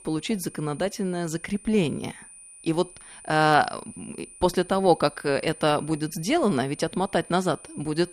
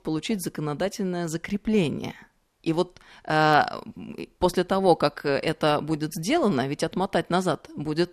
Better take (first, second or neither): second